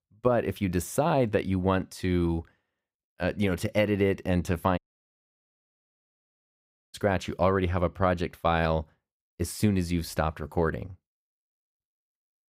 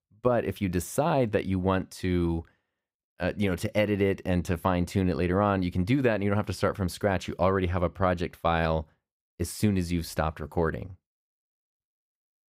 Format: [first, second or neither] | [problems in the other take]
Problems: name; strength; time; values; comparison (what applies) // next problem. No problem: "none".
second | audio cutting out; at 5 s for 2 s